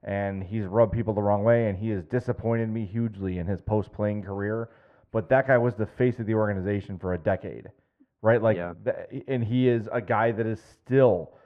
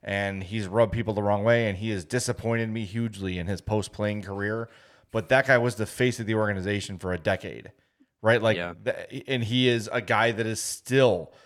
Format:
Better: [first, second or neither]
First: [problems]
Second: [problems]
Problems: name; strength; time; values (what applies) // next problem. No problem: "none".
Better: second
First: muffled; very; fading above 3 kHz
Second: none